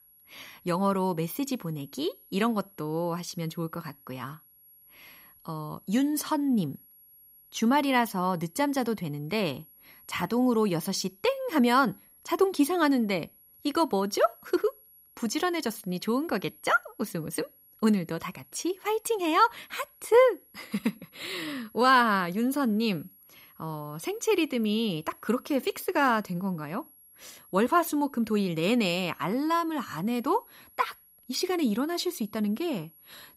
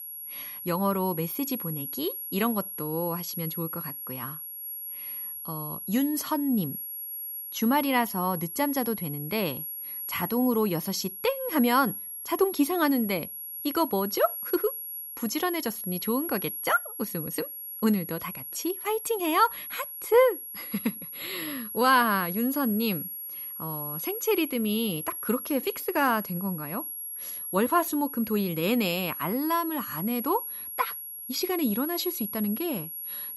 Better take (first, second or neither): first